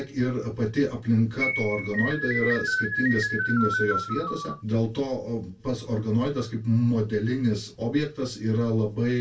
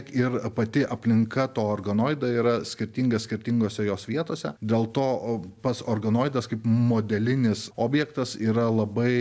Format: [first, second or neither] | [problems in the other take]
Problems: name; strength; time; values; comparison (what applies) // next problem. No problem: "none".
second | background sound (Keyboard (musical)); 2 dB below the speech // room echo; dies away in 0.2 s